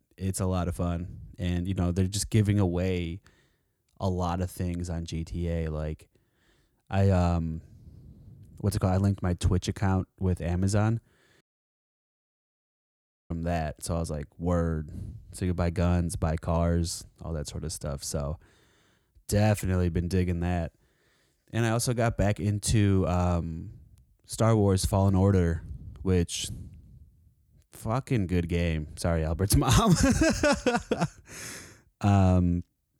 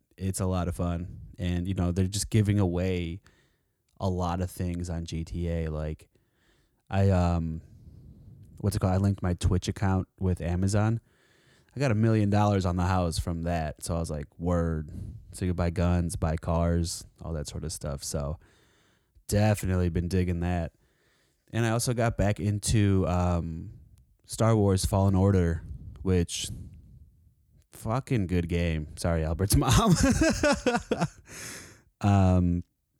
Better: second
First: audio cutting out; at 11 s for 2 s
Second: none

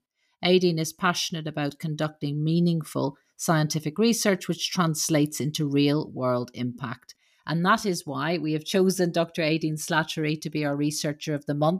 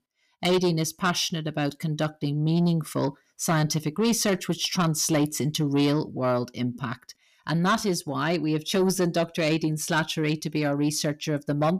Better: first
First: none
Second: distortion; slight; 10 dB below the speech

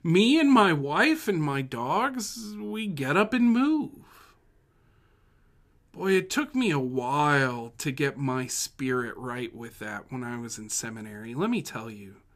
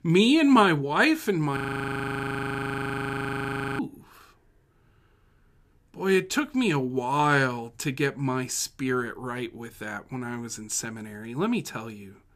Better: first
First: none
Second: audio freezing; at 1.5 s for 2 s

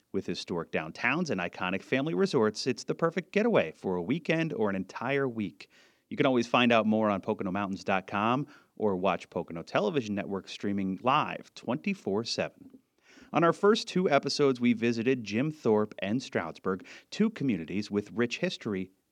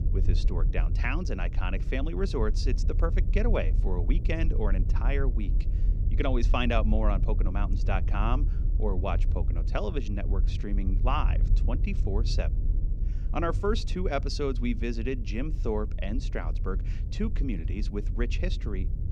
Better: first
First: none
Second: low rumble; noticeable; throughout; 15 dB below the speech

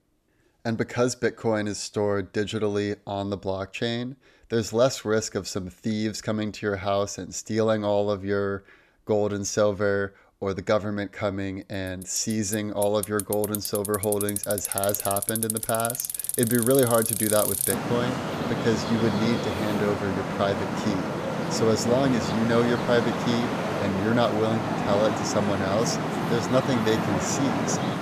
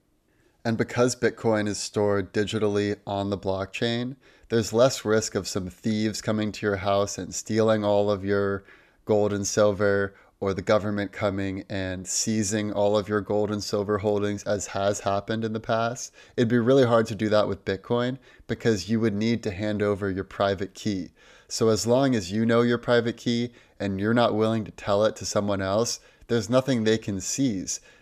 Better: second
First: traffic noise; loud; from 12 s on; 1 dB below the speech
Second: none

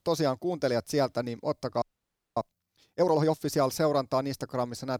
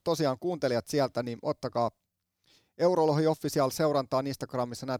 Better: second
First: audio freezing; at 2 s for 0.5 s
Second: none

